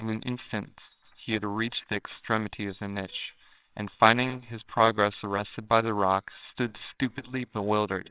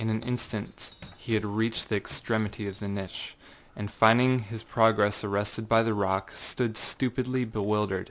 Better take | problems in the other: second | noise reduction (neural separator model SepFormer WHAMR!)

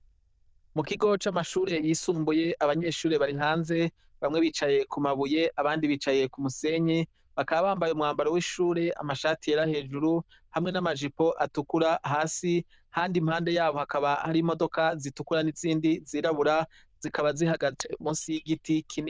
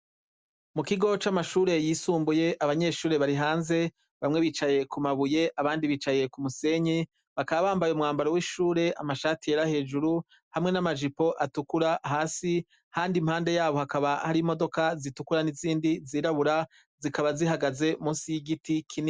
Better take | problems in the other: second | noise reduction (neural diffusion model UNIVERSE++)

